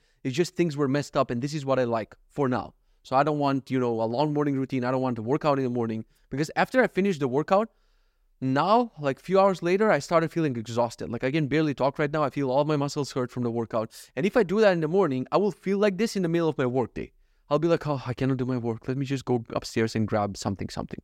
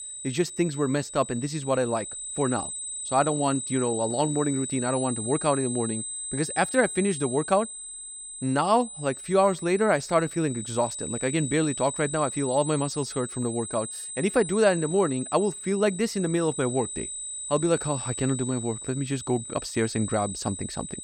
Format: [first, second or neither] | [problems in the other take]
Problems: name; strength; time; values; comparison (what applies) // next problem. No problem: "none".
first | high-pitched whine; loud; throughout; 8 kHz, 7 dB below the speech